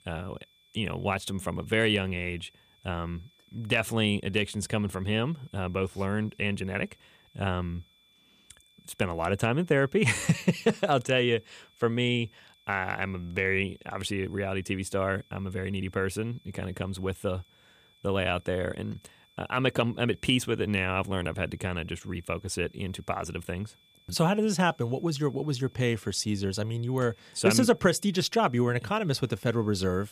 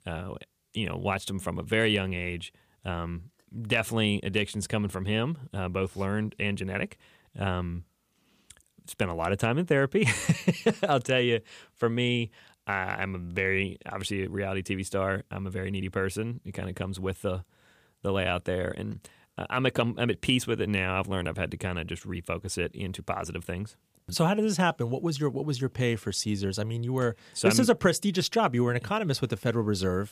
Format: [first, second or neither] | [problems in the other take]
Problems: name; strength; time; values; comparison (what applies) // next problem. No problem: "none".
second | high-pitched whine; faint; throughout; 3.5 kHz, 30 dB below the speech